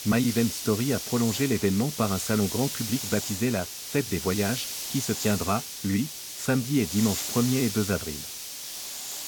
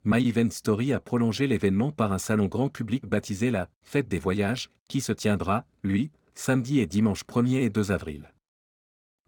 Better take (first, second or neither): second